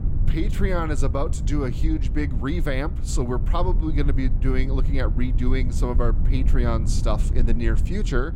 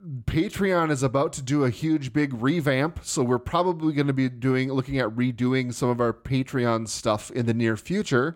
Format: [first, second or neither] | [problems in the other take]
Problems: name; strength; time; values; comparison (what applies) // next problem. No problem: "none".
second | low rumble; noticeable; throughout; 10 dB below the speech